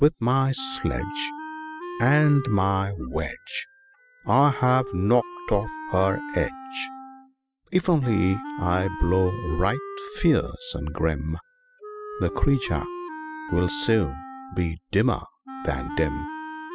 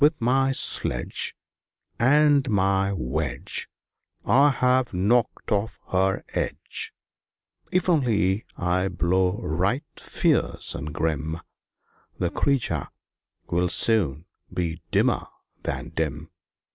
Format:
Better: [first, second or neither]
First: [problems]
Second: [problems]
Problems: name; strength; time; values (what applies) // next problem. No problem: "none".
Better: second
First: noise reduction (classical method spectral subtraction)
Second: none